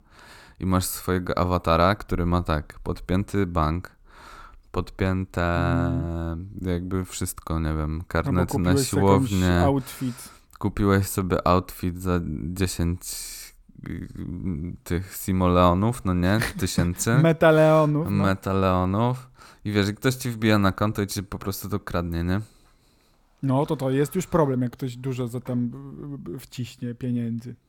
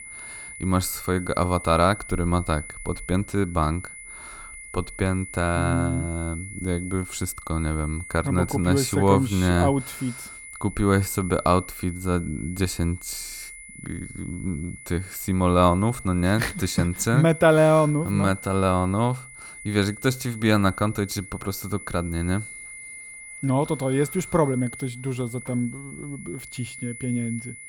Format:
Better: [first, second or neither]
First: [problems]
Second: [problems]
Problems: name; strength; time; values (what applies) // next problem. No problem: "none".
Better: first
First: none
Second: high-pitched whine; noticeable; throughout; 2 kHz, 15 dB below the speech